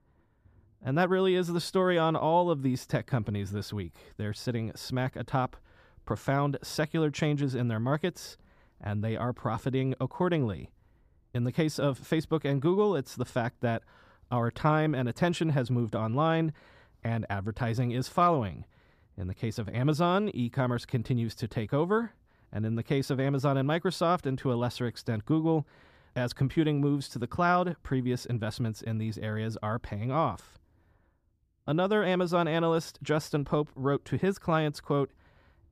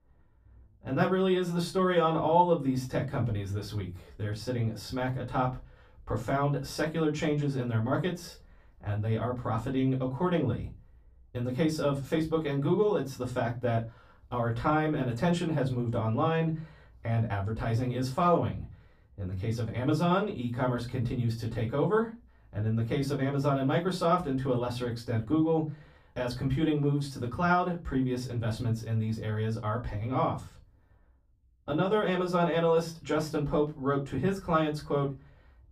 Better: first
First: none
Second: off-mic speech; far // room echo; very slight; dies away in 0.2 s

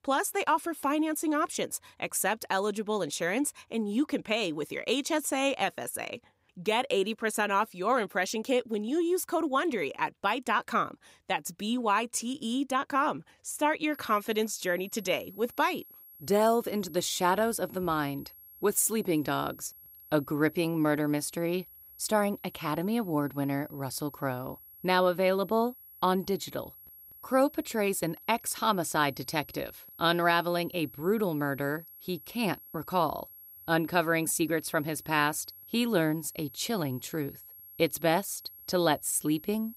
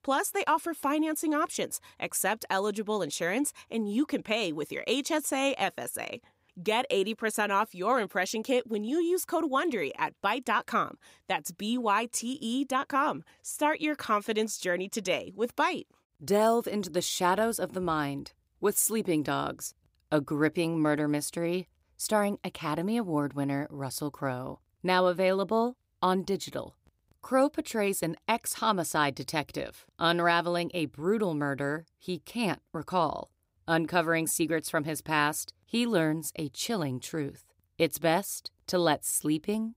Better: second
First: high-pitched whine; noticeable; from 14 s on; 11.5 kHz, 20 dB below the speech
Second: none

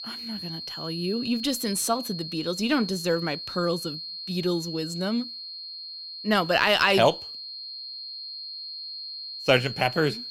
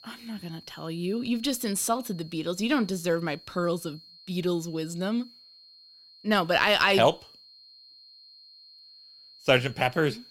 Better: second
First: high-pitched whine; loud; throughout; 4.5 kHz, 9 dB below the speech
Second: high-pitched whine; faint; throughout; 4.5 kHz, 25 dB below the speech

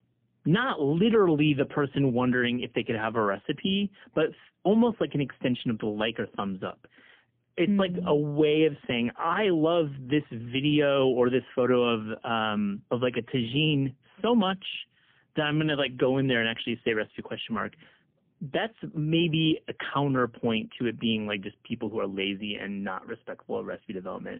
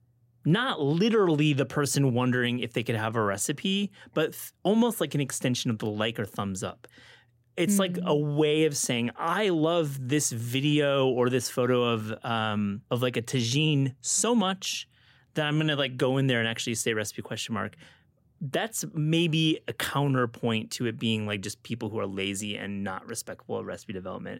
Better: second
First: phone-call audio; poor line; nothing above 3.5 kHz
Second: none

